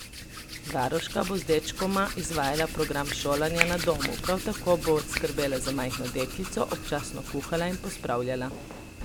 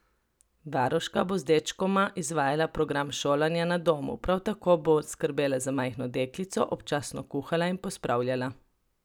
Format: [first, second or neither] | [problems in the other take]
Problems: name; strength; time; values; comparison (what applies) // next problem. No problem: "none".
second | background sound (Hands); 6 dB below the speech